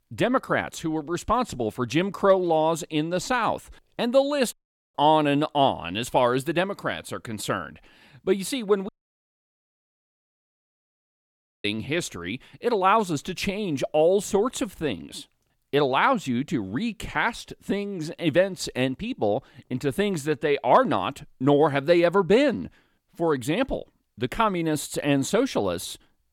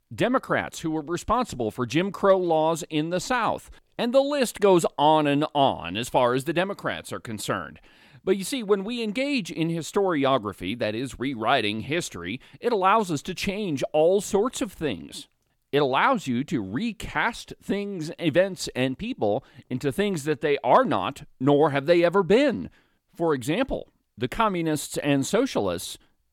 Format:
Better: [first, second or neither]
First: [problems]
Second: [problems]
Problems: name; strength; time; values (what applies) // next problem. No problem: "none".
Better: second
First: audio cutting out; at 4.5 s and at 9 s for 3 s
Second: none